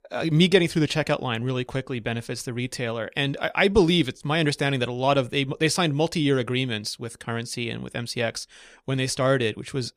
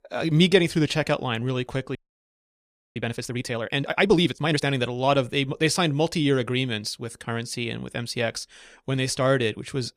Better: first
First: none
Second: audio freezing; at 2 s for 1 s

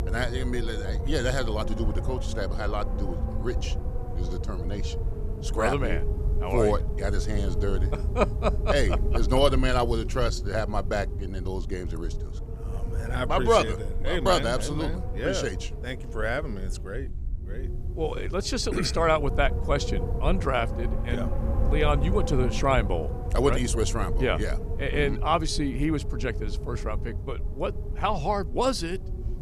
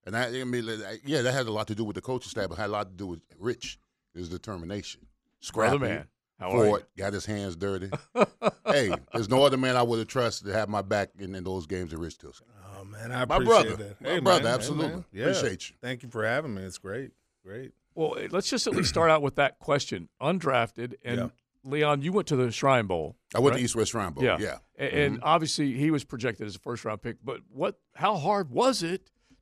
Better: second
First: wind noise on the microphone; occasional gusts; 15 dB below the speech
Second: none

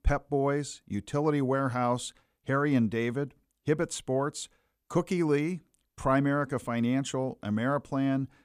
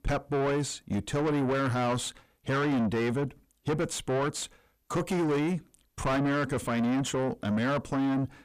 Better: first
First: none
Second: distortion; heavy; 6 dB below the speech

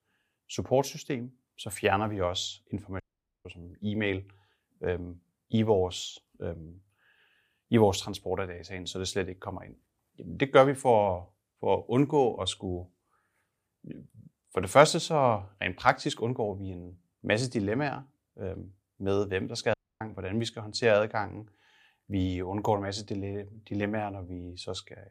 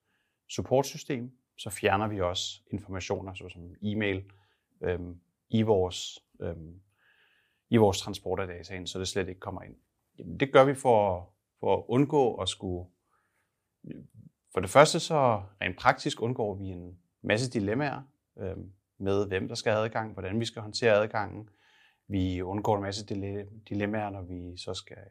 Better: second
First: audio cutting out; at 3 s and at 20 s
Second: none

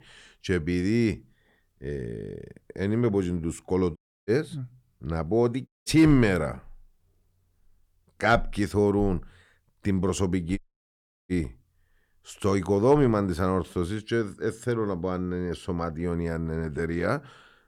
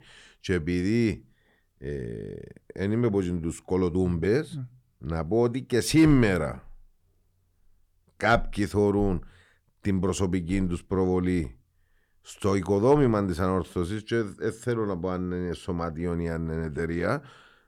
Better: second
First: audio cutting out; at 4 s, at 5.5 s and at 11 s for 0.5 s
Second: none

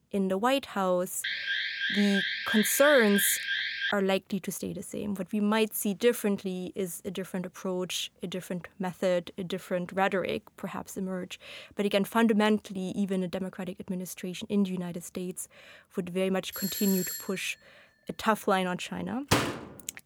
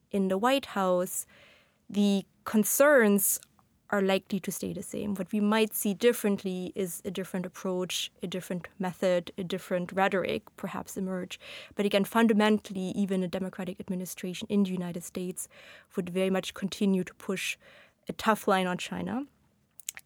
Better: second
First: alarm; loud; from 1 to 4 s; peak 1 dB above the speech // doorbell; noticeable; at 17 s; peak 2 dB below the speech // door banging; loud; at 19 s; peak 2 dB above the speech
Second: none

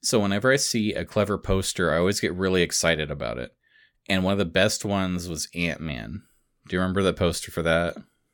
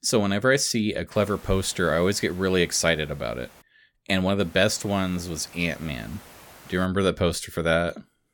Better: first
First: none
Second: hiss; faint; from 1 to 3.5 s and from 4.5 to 7 s; 25 dB below the speech

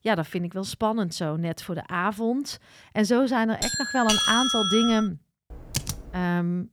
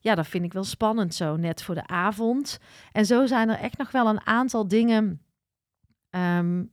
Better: second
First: doorbell; loud; from 3.5 to 5 s; peak 5 dB above the speech // keyboard typing; noticeable; at 5.5 s; peak 5 dB below the speech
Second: none

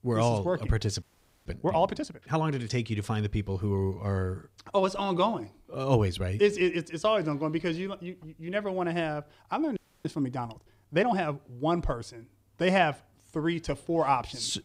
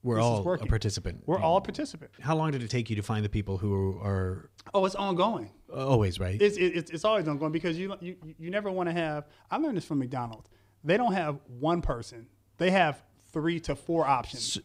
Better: second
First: audio freezing; at 1 s and at 10 s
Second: none

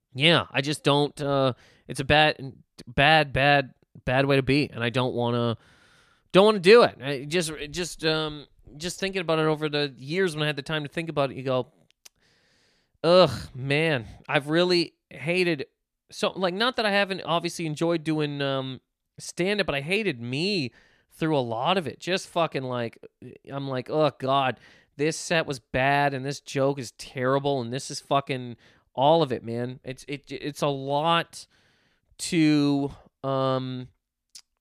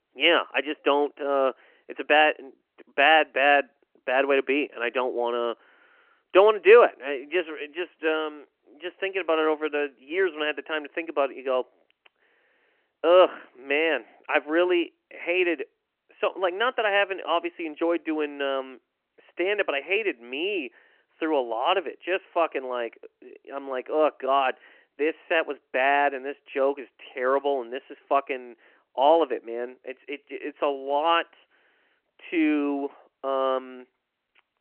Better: first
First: none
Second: phone-call audio; nothing above 3 kHz

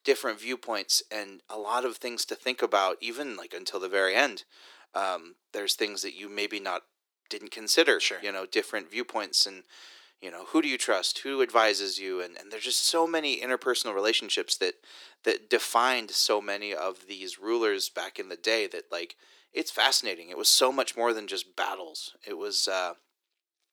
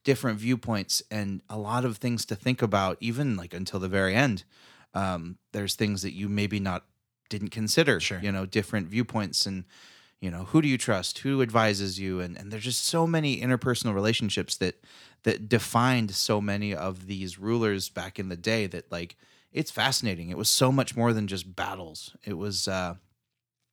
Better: second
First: thin; very; fading below 350 Hz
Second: none

